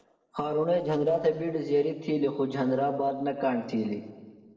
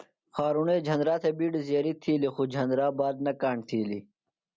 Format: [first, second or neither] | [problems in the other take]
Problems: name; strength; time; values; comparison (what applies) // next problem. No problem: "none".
second | noise reduction (neural separator model SepFormer DNS4)